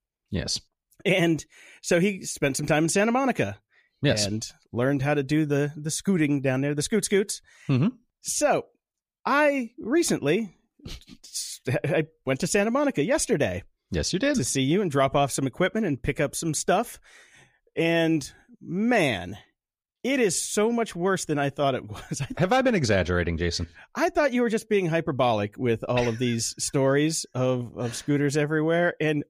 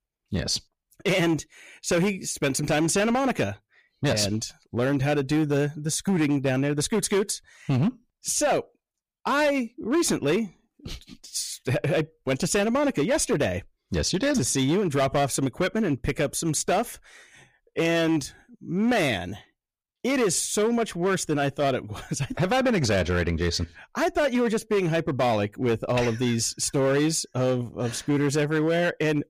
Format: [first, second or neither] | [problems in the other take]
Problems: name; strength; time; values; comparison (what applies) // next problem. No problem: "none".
first | distortion; slight; 10% of the sound clipped